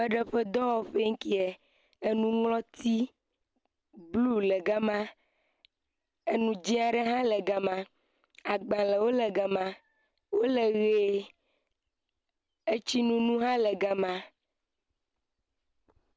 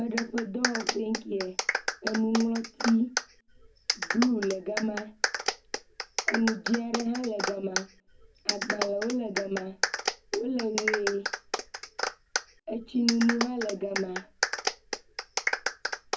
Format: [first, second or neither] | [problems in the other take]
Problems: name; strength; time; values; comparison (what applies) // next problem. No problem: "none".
first | background sound (Clapping); 2 dB below the speech // room echo; dies away in 0.4 s